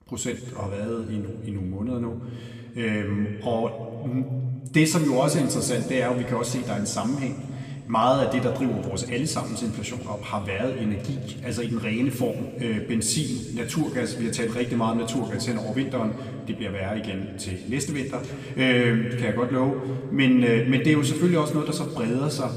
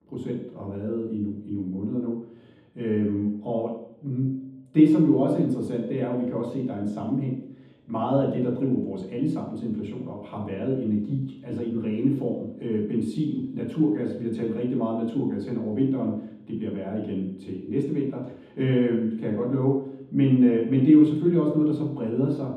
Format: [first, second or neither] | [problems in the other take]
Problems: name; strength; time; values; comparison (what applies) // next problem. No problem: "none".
first | room echo; strong; dies away in 0.9 s; slight in the first // off-mic speech; far; somewhat distant in the first